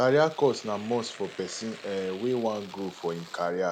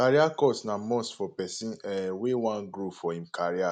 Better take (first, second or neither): second